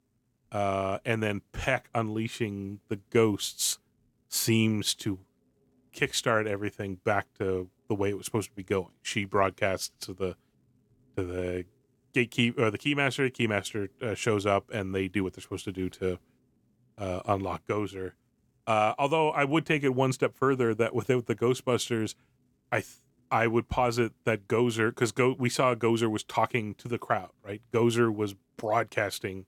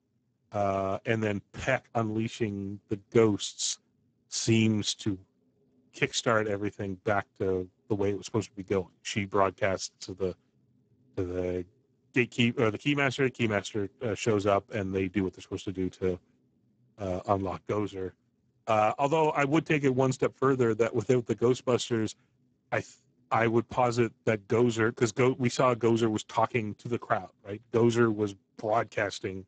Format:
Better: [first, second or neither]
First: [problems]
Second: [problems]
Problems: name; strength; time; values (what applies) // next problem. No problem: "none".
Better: first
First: none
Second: garbled, watery; badly; nothing above 8 kHz